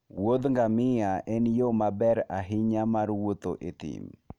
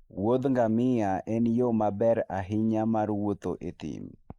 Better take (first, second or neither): first